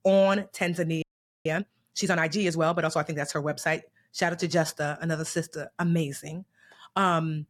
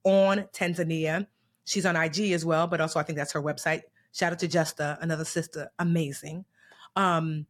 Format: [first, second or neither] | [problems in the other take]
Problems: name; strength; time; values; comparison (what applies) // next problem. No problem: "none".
second | audio freezing; at 1 s